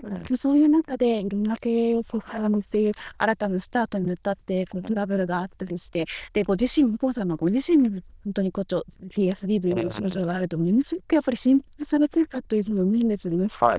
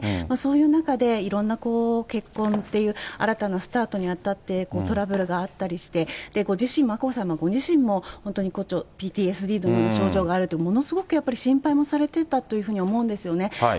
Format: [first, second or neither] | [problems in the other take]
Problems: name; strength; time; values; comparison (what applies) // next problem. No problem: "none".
second | noise reduction (neural diffusion model UNIVERSE++)